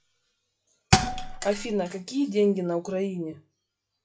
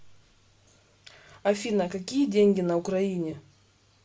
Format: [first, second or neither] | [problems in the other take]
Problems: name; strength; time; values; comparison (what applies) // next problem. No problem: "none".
second | noise reduction (classical method log-MMSE)